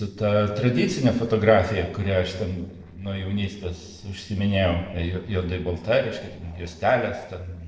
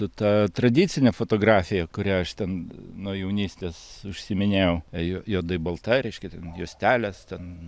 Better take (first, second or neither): second